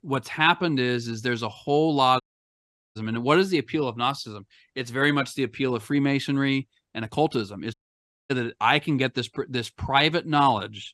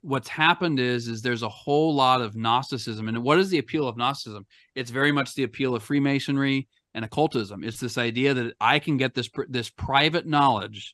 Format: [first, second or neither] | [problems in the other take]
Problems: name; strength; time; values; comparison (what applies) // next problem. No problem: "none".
second | audio cutting out; at 2 s for 1 s and at 7.5 s for 0.5 s